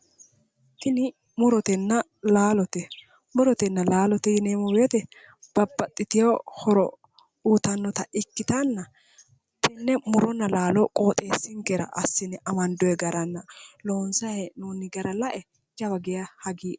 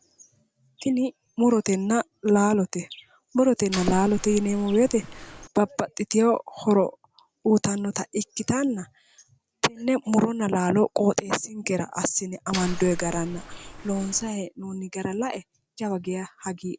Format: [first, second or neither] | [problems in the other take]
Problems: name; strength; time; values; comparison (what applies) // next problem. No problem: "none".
first | background sound (Mechanisms); 10 dB below the speech